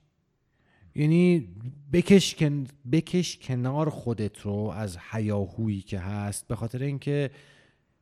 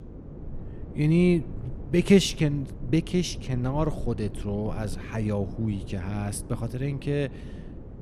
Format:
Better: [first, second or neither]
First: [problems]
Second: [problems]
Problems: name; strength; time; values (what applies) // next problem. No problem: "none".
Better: first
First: none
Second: wind noise on the microphone; occasional gusts; 15 dB below the speech